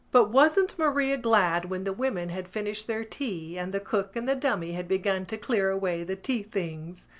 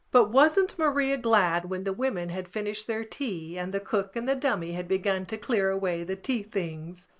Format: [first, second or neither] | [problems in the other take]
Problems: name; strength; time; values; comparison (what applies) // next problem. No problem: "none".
first | noise reduction (neural mask model Resemble Enhance denoiser)